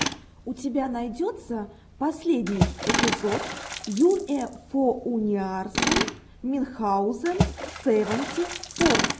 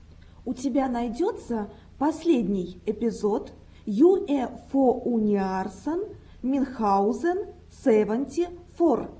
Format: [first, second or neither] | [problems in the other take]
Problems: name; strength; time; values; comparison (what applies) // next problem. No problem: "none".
second | background sound (Tools + Water / Splash, splatter); 4 dB below the speech